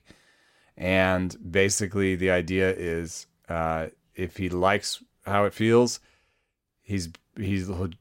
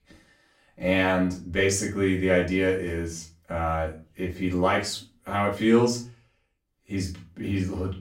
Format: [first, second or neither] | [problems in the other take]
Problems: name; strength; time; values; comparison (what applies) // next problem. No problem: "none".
first | off-mic speech; far // room echo; slight; dies away in 0.3 s